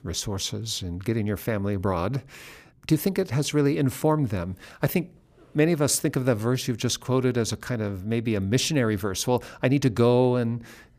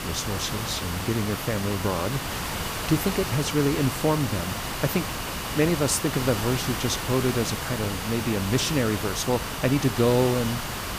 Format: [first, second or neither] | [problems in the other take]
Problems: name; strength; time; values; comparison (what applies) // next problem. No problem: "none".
first | hiss; loud; throughout; 4 dB below the speech